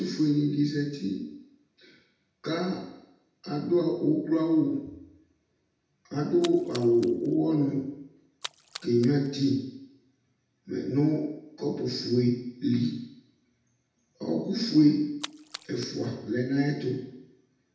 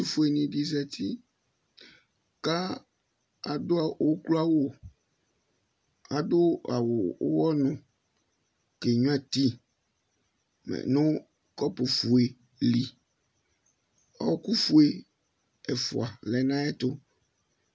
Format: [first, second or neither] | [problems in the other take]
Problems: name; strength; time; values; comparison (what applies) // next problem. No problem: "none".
second | background sound (Splash, splatter); 16 dB below the speech // room echo; dies away in 0.8 s